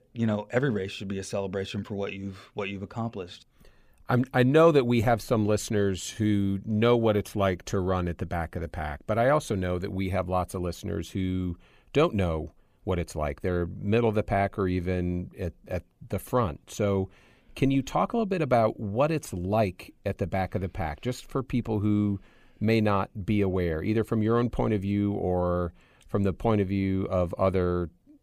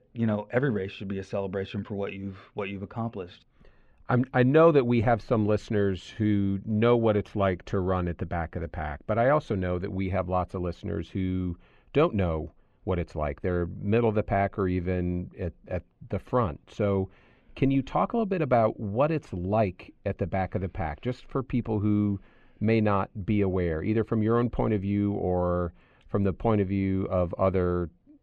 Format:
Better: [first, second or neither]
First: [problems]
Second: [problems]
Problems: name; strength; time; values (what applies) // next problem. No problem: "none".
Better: first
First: none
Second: muffled; slightly; fading above 2.5 kHz